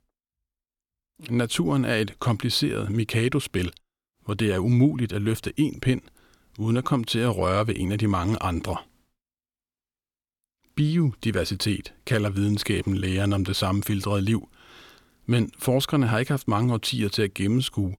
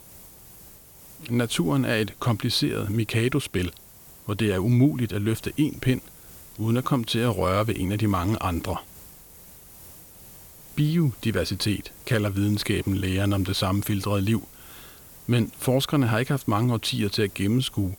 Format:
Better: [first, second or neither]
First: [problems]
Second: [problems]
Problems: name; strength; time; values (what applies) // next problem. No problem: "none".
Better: first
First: none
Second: hiss; noticeable; throughout; 20 dB below the speech